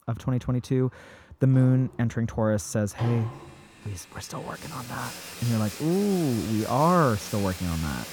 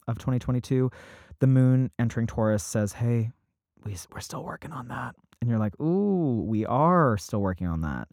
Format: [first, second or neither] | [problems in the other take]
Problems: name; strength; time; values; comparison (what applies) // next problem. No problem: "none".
second | household noises; noticeable; throughout; 15 dB below the speech